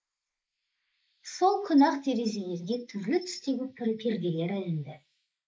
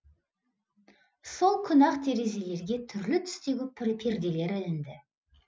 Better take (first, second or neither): second